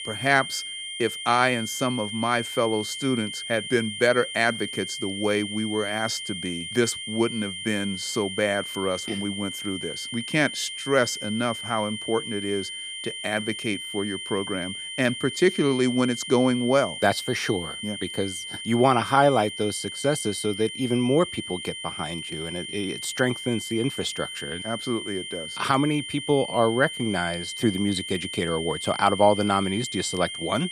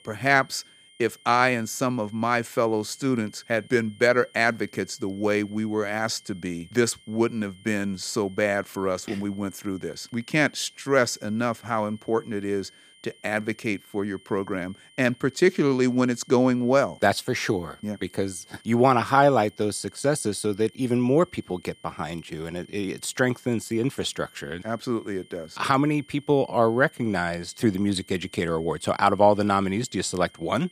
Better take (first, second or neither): second